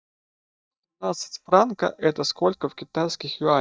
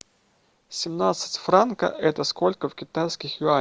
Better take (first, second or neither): second